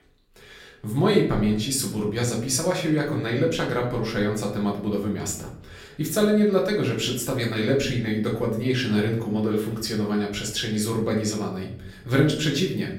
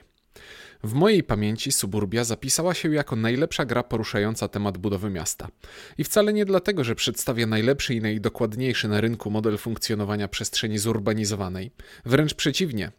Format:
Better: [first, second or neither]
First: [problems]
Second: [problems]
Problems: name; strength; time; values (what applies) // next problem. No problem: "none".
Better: second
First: off-mic speech; far // room echo; slight; dies away in 0.6 s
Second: none